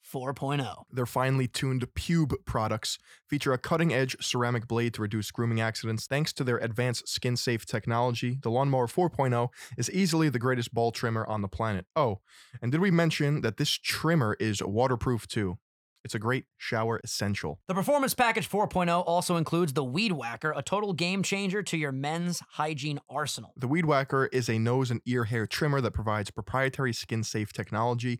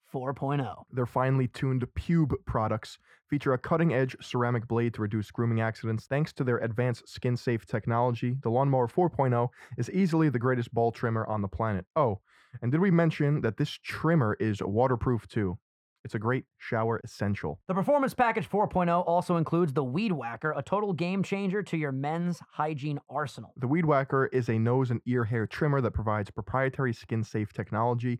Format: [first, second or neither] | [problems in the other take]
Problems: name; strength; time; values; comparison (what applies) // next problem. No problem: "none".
first | muffled; slightly; fading above 2.5 kHz